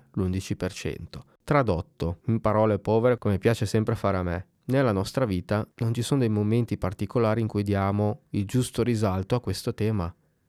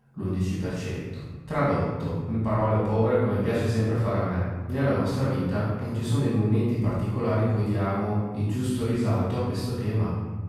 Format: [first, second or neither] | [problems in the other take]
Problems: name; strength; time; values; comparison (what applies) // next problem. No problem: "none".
first | off-mic speech; far // room echo; strong; dies away in 1.3 s